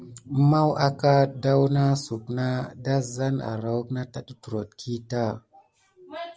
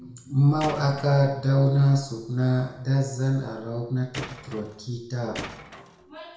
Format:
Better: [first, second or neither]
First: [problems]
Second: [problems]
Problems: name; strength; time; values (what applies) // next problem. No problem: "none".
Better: first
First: none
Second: background sound (Tools); 15 dB below the speech // room echo; dies away in 0.7 s